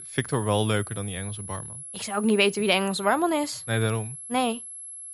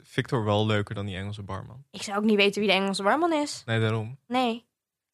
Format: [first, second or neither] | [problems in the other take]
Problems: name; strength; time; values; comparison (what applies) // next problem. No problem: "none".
second | high-pitched whine; noticeable; throughout; 11 kHz, 10 dB below the speech